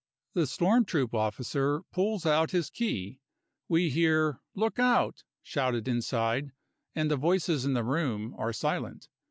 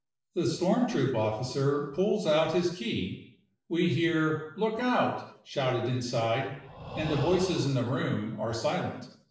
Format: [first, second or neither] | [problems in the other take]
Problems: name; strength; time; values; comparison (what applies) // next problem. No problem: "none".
first | noise reduction (neural separator model SepFormer DNS4)